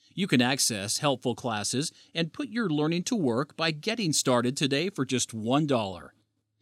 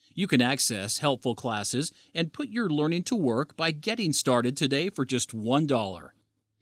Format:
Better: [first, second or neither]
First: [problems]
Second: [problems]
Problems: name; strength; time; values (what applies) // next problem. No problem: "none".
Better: first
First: none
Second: garbled, watery; slightly; nothing above 16 kHz